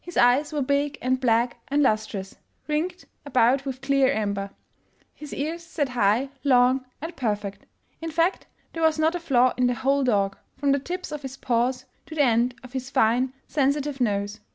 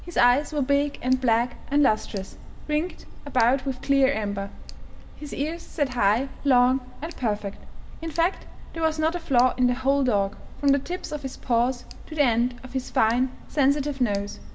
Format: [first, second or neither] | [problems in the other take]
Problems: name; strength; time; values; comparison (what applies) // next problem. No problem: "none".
first | background sound (Tick); 10 dB below the speech // room echo; dies away in 1.9 s